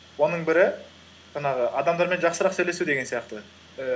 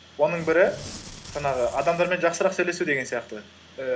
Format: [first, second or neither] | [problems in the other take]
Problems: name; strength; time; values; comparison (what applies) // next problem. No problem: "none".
first | background sound (Tearing); 16 dB below the speech